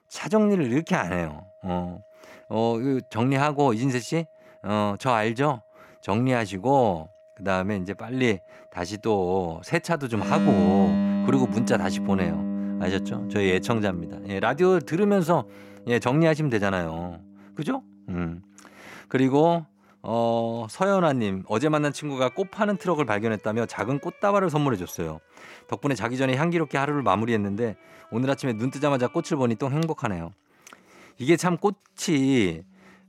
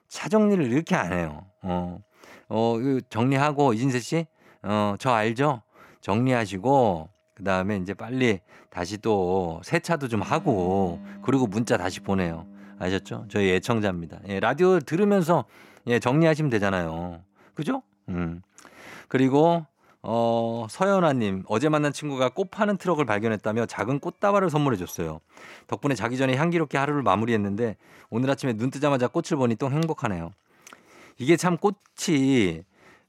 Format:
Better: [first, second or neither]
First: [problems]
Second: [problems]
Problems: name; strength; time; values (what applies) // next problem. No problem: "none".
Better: second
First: background music; loud; throughout; 2 dB below the speech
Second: background music; faint; throughout; 20 dB below the speech